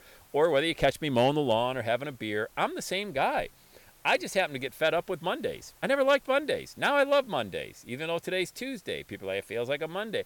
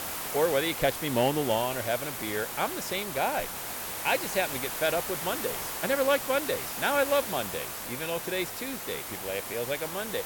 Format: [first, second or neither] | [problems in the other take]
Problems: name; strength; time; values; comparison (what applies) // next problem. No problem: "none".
first | hiss; loud; throughout; 4 dB below the speech; faint in the first